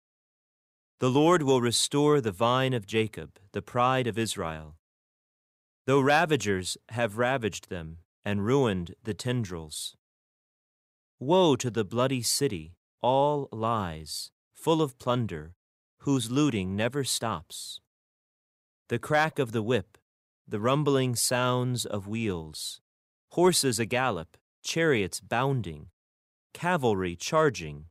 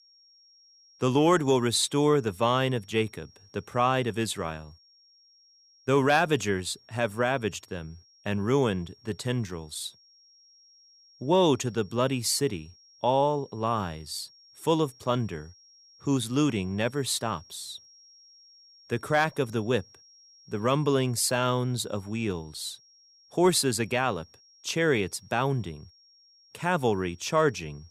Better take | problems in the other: first | high-pitched whine; faint; throughout; 5.5 kHz, 30 dB below the speech

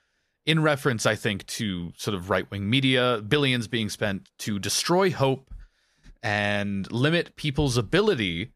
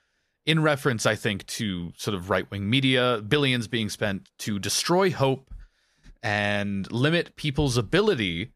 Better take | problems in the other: neither | none

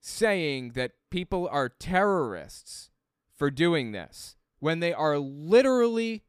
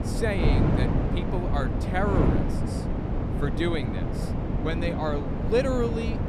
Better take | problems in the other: first | wind noise on the microphone; heavy; 3 dB below the speech

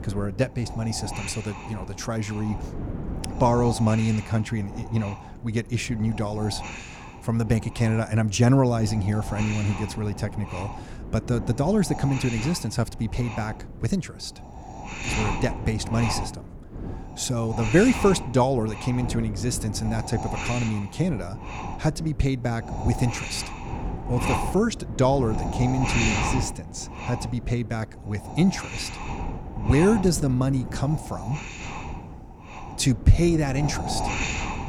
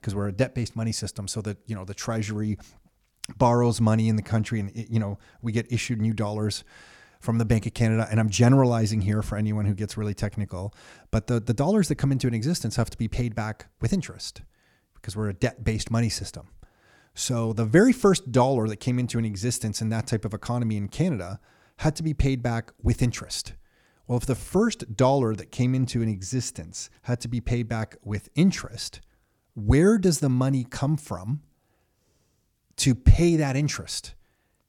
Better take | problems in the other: second | wind noise on the microphone; heavy; 5 dB below the speech

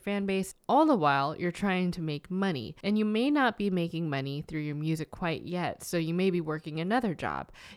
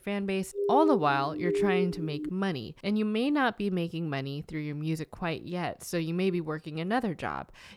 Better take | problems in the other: first | siren; loud; from 0.5 to 2.5 s; peak 2 dB above the speech

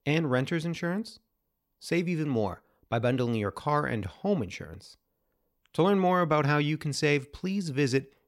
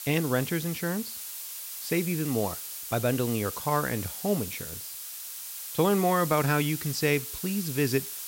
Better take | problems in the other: first | hiss; loud; throughout; 7 dB below the speech

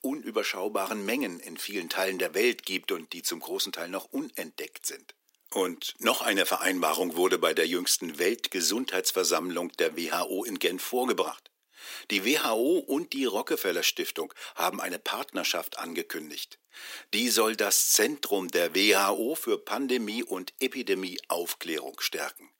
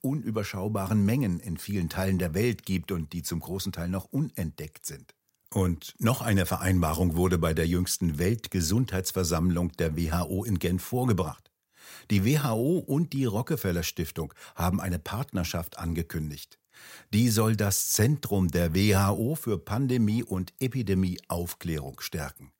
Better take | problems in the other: second | thin; somewhat; fading below 300 Hz

